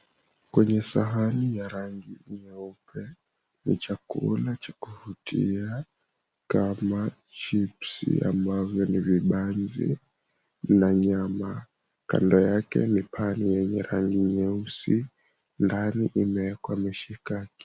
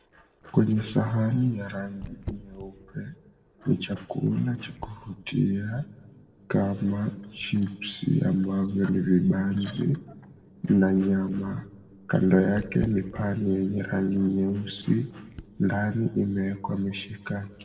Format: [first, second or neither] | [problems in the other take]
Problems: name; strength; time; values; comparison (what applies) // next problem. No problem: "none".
first | noise reduction (neural separator model SepFormer DNS4)